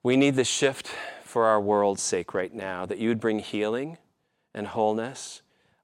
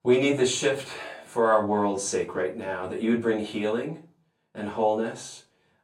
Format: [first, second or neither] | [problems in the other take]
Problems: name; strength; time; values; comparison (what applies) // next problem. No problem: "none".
first | off-mic speech; far // room echo; slight; dies away in 0.3 s